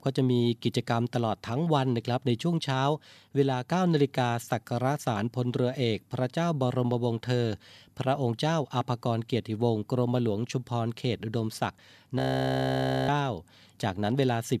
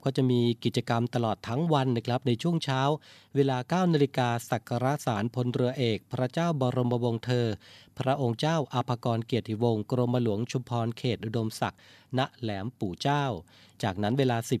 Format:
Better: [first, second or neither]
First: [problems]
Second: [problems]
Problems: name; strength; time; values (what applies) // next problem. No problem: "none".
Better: second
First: audio freezing; at 12 s for 1 s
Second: none